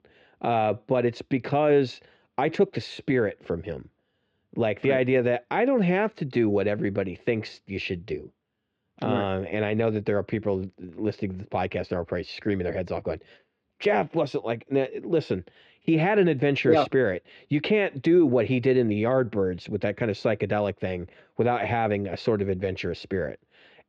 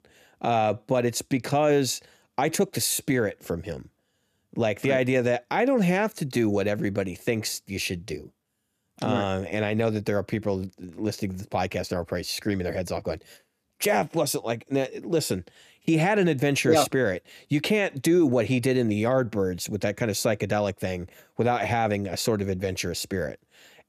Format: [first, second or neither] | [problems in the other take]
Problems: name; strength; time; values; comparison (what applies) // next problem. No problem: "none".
second | muffled; slightly; fading above 3.5 kHz